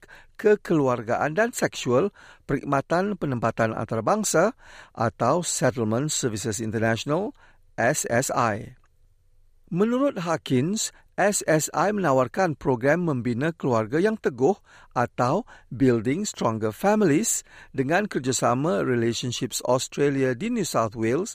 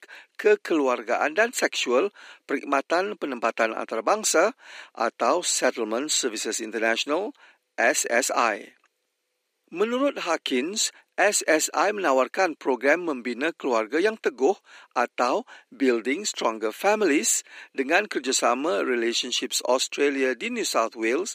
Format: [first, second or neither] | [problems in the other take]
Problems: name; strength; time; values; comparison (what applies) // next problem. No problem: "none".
first | thin; very slightly; fading below 250 Hz